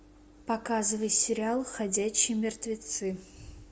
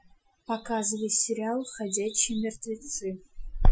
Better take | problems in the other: first | noise reduction (classical method Wiener filter)

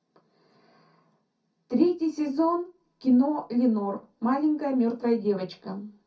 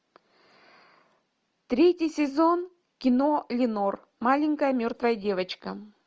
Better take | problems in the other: second | room echo; dies away in 0.3 s

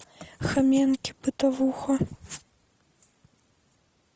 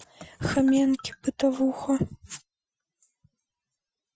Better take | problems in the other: first | noise reduction (classical method Wiener filter)

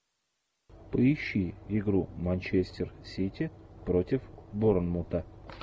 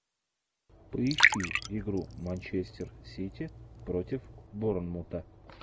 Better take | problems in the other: first | background sound (Liquid); 2 dB above the speech

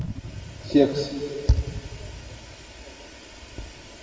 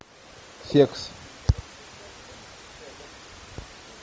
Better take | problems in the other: second | room echo; dies away in 2 s

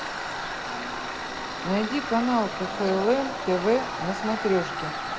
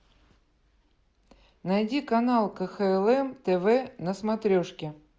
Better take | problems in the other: second | background sound (Tools); 4 dB below the speech

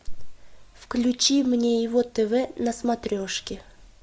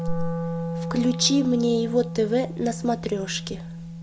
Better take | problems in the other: first | background sound (Wind instrument, woodwind instrument); 6 dB below the speech

